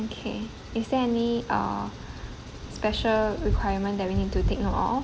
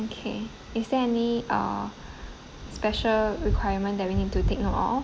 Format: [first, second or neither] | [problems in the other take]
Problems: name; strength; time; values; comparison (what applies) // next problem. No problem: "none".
second | background sound (Engine); 16 dB below the speech